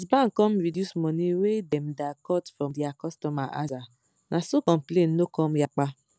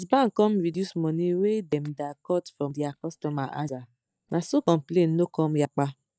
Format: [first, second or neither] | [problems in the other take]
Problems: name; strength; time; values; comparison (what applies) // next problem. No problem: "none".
first | noise reduction (neural mask model DeepFilterNet 3)